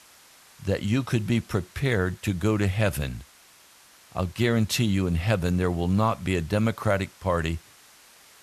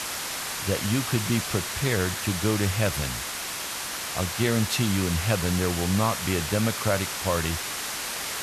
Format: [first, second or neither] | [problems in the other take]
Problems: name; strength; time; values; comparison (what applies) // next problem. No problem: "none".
first | hiss; loud; throughout; 3 dB below the speech; faint in the first